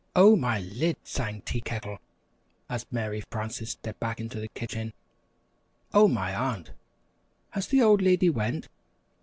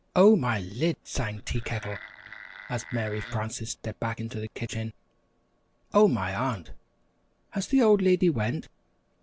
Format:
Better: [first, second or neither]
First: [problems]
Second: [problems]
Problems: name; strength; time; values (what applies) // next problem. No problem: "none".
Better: first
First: none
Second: background sound (Wood); 15 dB below the speech